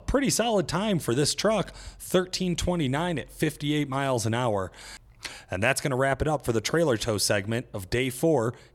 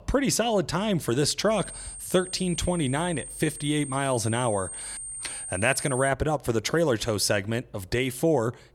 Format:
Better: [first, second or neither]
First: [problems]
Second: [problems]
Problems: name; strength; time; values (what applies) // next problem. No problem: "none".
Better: first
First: none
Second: high-pitched whine; loud; from 1.5 to 6 s; 9 kHz, 9 dB below the speech